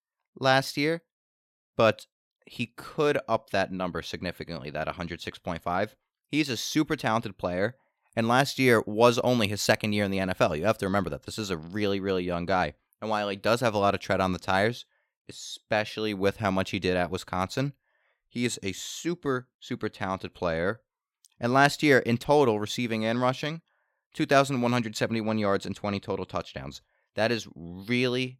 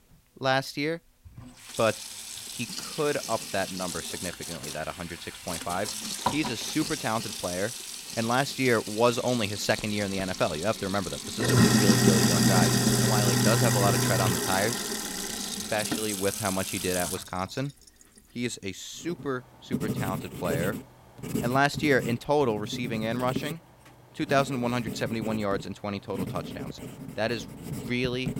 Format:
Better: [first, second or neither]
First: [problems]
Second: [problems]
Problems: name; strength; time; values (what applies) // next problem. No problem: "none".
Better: first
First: none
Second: household noises; very loud; throughout; 1 dB above the speech